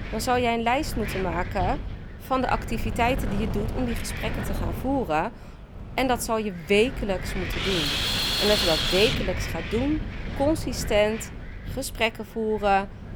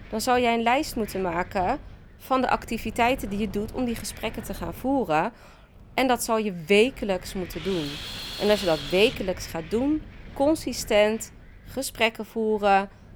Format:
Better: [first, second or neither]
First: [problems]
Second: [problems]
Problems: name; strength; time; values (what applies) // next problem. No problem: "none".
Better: second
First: wind noise on the microphone; heavy; 3 dB below the speech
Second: wind noise on the microphone; occasional gusts; 15 dB below the speech